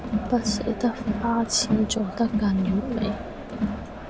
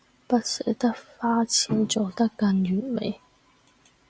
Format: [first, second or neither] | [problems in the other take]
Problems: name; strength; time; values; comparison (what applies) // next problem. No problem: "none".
second | background sound (Crowd); 3 dB below the speech